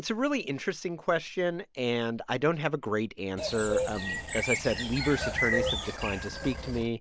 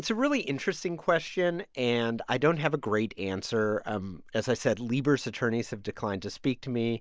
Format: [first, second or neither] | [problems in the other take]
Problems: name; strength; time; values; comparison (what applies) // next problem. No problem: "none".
second | background sound (Bird); 2 dB below the speech